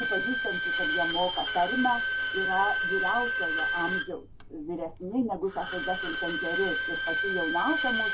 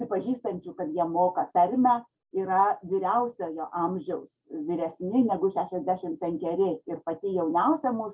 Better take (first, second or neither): second